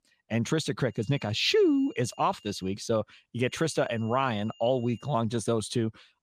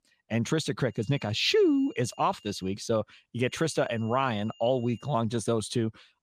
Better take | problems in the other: neither | high-pitched whine; faint; from 1 to 2.5 s and from 3.5 to 5 s; 3 kHz, 30 dB below the speech; the same in both

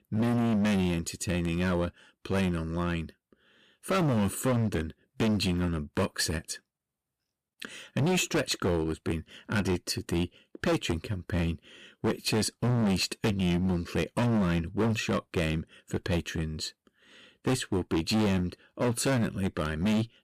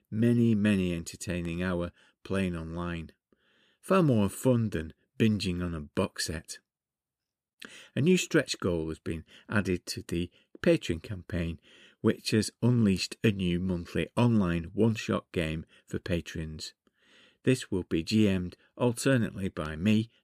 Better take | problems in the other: second | distortion; heavy; 14% of the sound clipped

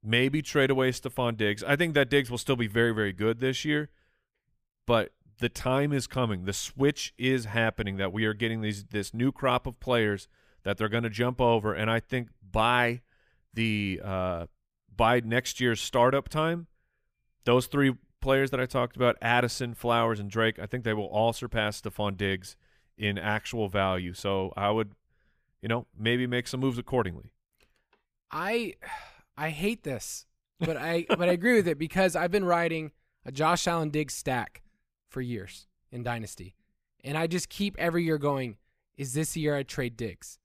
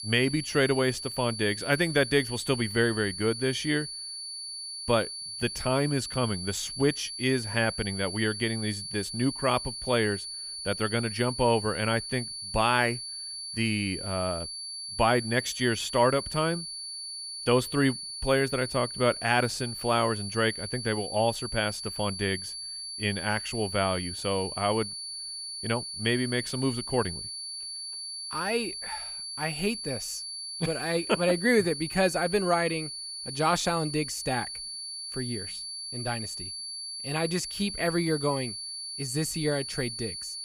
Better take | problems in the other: first | high-pitched whine; loud; throughout; 4.5 kHz, 7 dB below the speech

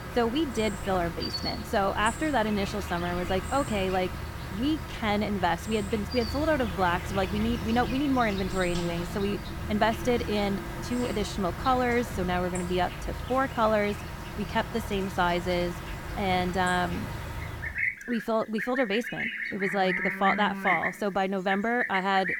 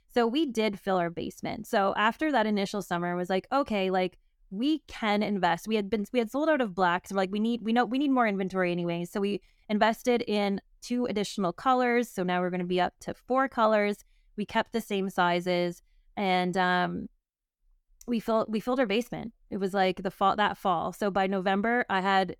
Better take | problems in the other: second | animal sounds; loud; throughout; 6 dB below the speech

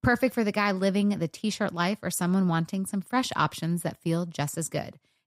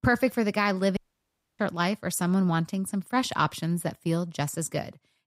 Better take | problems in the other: first | audio cutting out; at 1 s for 0.5 s

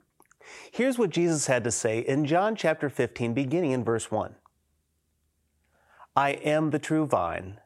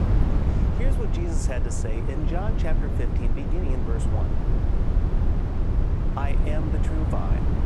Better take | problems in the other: first | low rumble; loud; throughout; 1 dB below the speech

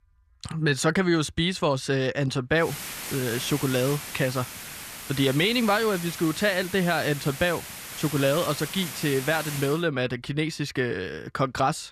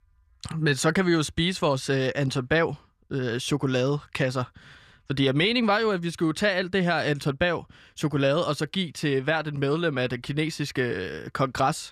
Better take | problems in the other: second | hiss; loud; from 2.5 to 9.5 s; 9 dB below the speech

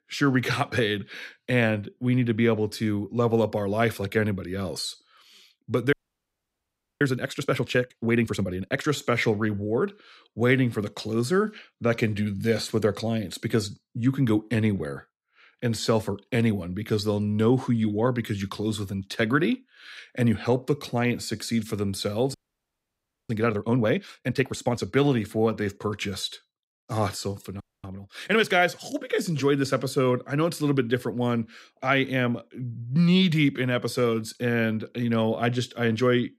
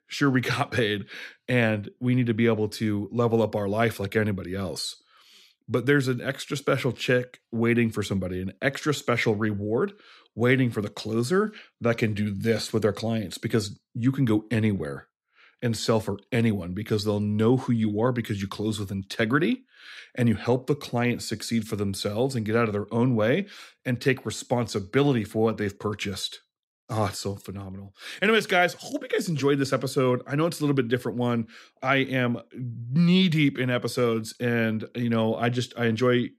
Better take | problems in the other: second | audio freezing; at 6 s for 1 s, at 22 s for 1 s and at 28 s

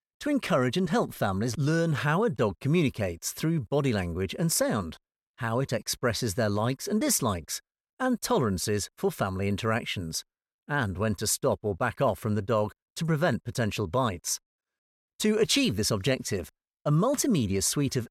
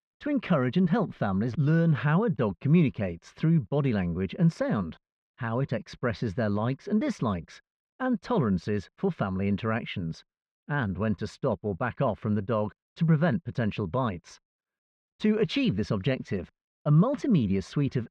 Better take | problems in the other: first | muffled; very; fading above 3 kHz

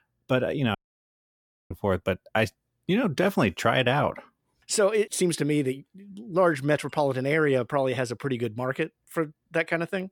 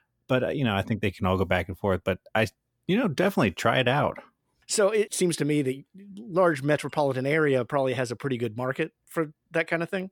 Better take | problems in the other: second | audio cutting out; at 1 s for 1 s

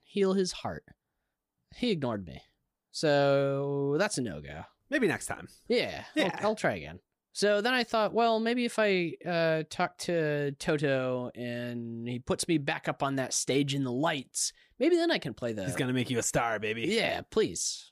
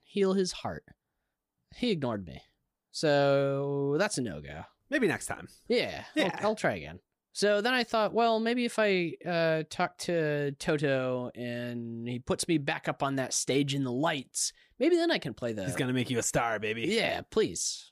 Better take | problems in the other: neither | none

